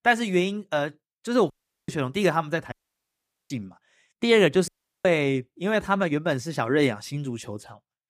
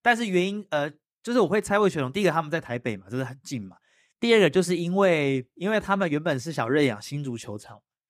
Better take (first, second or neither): second